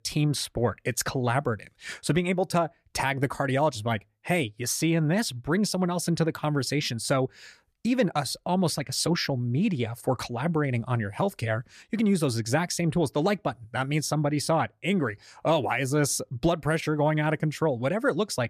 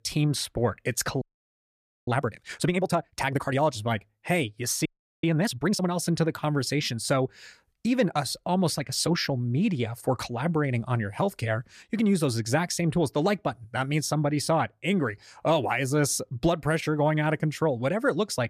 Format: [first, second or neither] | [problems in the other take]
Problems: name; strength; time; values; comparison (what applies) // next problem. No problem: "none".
first | audio freezing; at 1 s for 1 s and at 5 s